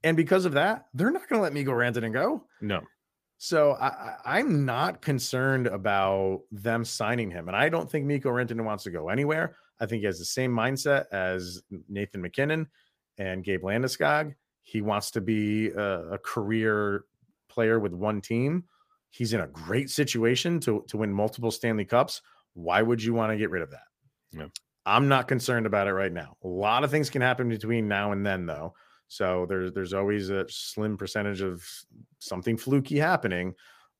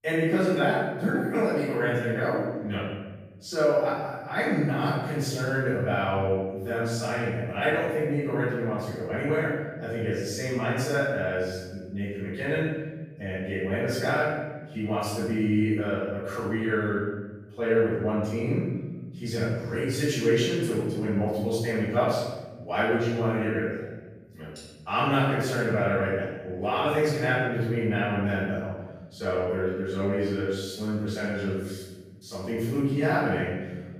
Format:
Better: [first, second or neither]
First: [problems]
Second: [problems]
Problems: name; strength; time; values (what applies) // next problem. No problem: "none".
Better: first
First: none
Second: off-mic speech; far // room echo; strong; dies away in 1.1 s